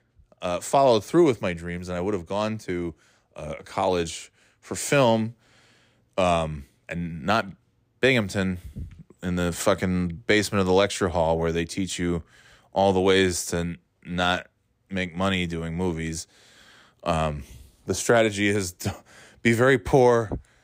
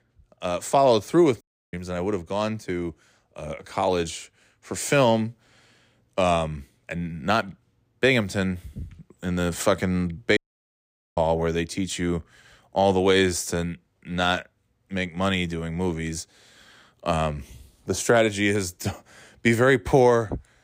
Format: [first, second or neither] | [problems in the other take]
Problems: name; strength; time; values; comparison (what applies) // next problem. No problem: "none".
first | audio cutting out; at 1.5 s and at 10 s for 1 s